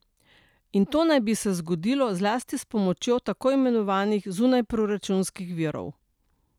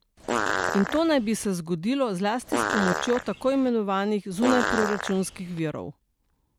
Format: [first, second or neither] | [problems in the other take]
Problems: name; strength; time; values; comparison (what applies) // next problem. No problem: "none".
first | background sound (Fart); 3 dB below the speech